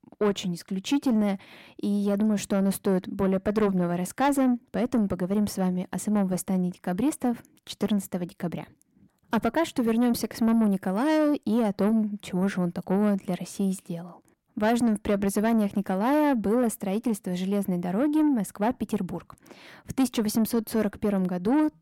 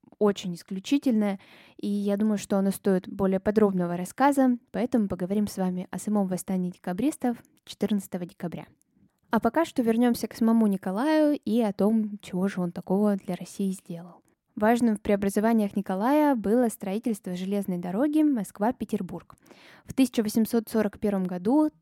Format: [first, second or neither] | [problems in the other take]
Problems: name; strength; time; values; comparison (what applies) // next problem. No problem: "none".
second | distortion; slight; 10 dB below the speech